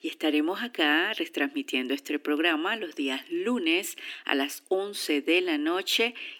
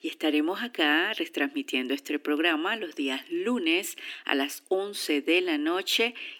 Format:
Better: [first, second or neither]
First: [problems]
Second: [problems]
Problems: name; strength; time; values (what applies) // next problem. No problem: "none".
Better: neither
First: thin; somewhat; fading below 300 Hz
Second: thin; somewhat; fading below 300 Hz